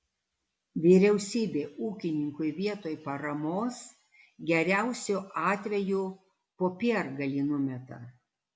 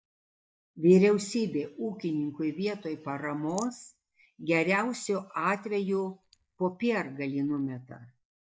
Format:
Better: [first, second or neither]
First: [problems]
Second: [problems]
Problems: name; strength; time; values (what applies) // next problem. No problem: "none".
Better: first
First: none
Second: noise reduction (neural mask model DeepFilterNet 3)